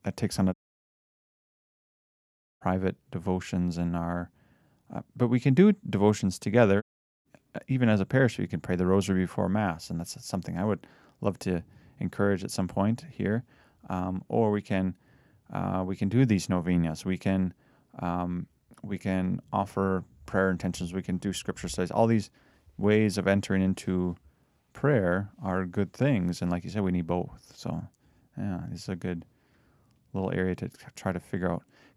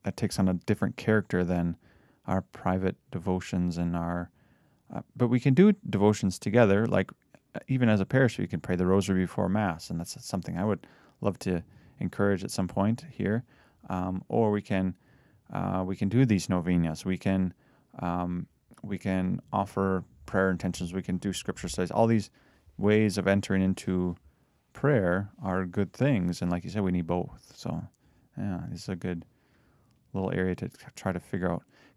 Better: second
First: audio cutting out; at 0.5 s for 2 s and at 7 s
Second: none

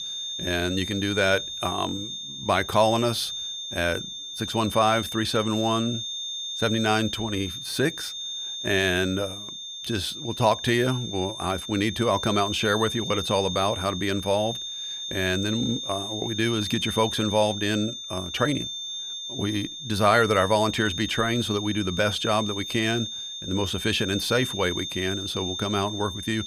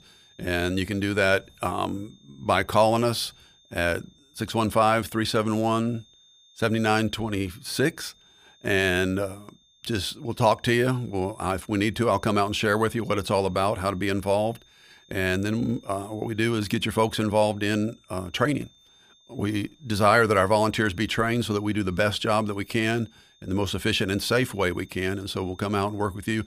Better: second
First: high-pitched whine; loud; throughout; 3.5 kHz, 6 dB below the speech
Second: high-pitched whine; faint; throughout; 3.5 kHz, 30 dB below the speech

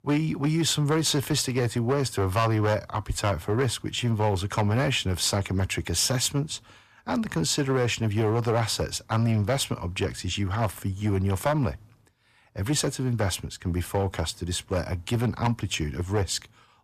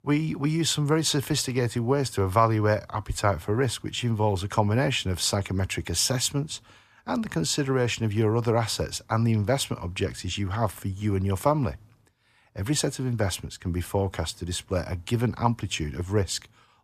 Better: second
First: distortion; slight; 6% of the sound clipped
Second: none

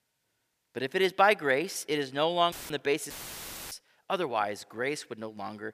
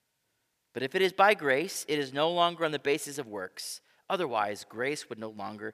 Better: second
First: audio cutting out; filled with static; at 2.5 s and at 3 s for 0.5 s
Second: none

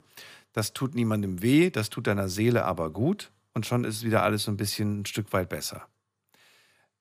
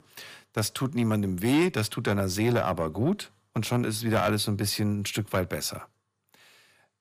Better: first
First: none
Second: distortion; slight; 10 dB below the speech

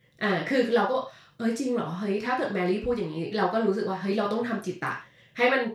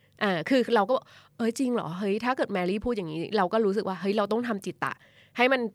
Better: second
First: room echo; noticeable; dies away in 0.3 s // off-mic speech; far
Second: none

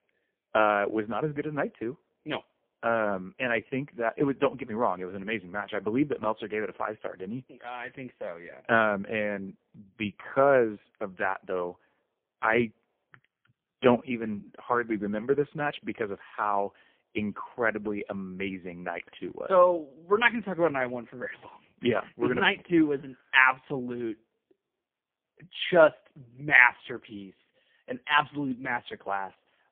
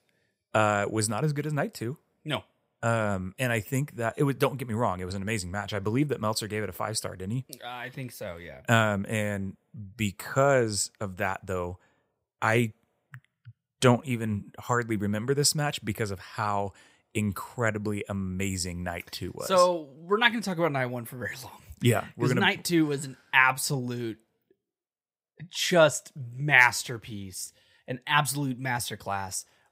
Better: second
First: phone-call audio; poor line; nothing above 3.5 kHz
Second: none

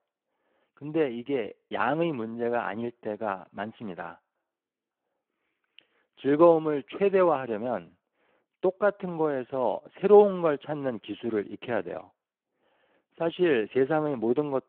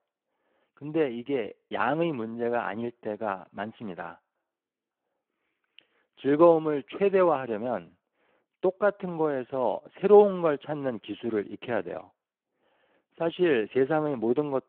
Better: neither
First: phone-call audio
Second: phone-call audio

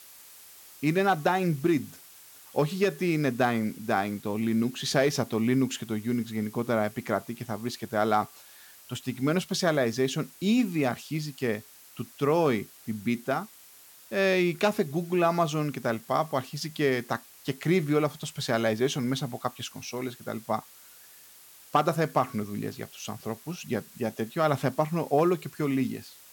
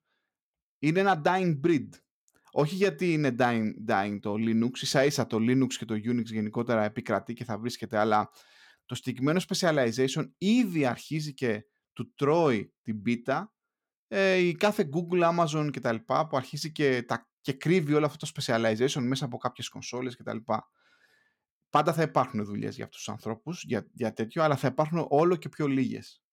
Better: second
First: hiss; faint; throughout; 20 dB below the speech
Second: none

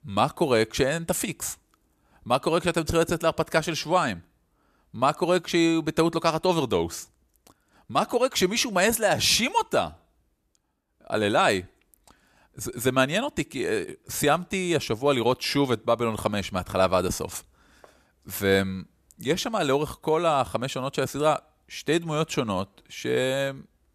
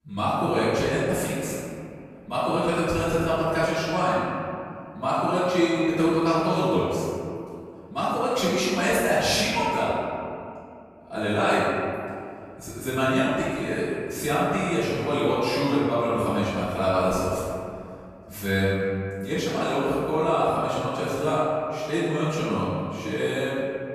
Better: first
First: none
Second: off-mic speech; far // room echo; strong; dies away in 2.3 s

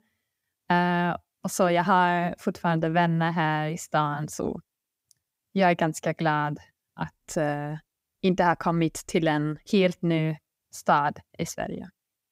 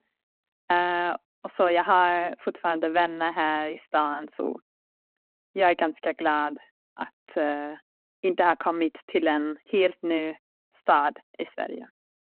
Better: first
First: none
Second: phone-call audio

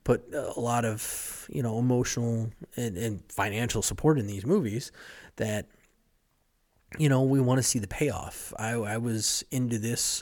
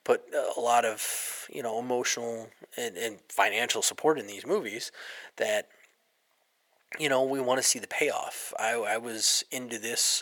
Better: first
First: none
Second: thin; very; fading below 550 Hz

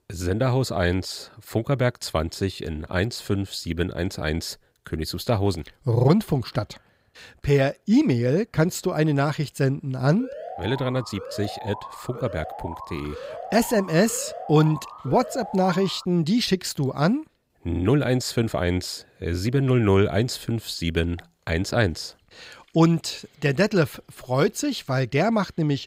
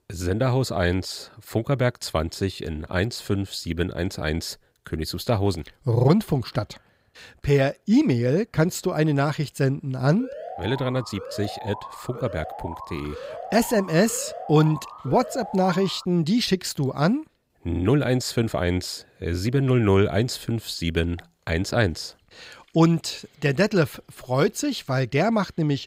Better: neither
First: alarm; faint; from 10 to 16 s; peak 10 dB below the speech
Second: alarm; faint; from 10 to 16 s; peak 10 dB below the speech

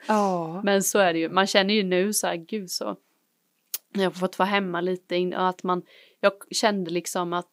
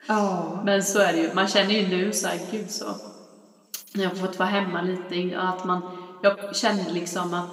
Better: first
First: none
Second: room echo; slight; dies away in 1.6 s // off-mic speech; somewhat distant

